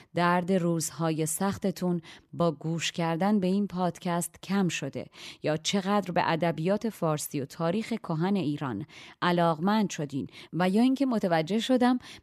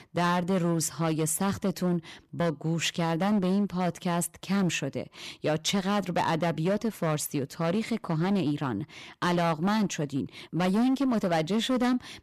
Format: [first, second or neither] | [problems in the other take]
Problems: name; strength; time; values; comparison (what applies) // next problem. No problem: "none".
first | distortion; slight; 12% of the sound clipped